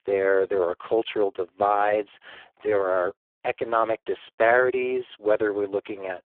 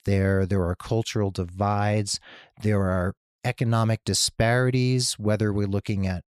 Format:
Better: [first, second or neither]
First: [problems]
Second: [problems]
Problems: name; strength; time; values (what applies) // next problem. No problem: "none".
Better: second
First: phone-call audio; poor line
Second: none